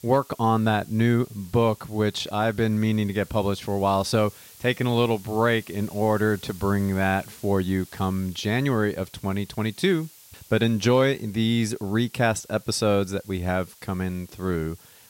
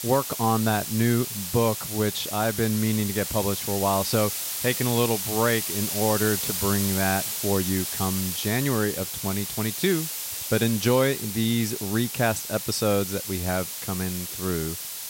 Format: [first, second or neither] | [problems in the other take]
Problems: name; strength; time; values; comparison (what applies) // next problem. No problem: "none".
first | hiss; loud; throughout; 3 dB below the speech; faint in the first